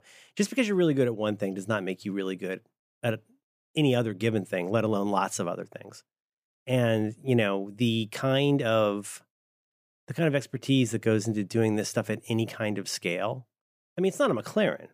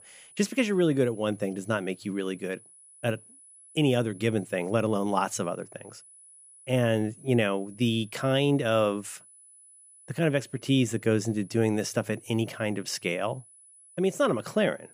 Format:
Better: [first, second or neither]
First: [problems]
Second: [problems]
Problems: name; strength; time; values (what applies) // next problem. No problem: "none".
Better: first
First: none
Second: high-pitched whine; faint; throughout; 10 kHz, 25 dB below the speech